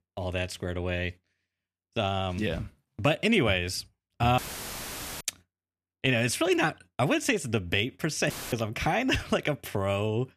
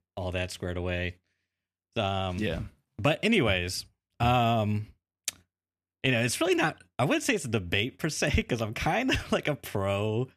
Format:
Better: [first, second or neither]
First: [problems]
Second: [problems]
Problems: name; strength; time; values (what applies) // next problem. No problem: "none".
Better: second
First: audio cutting out; filled with static; at 4.5 s for 1 s and at 8.5 s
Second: none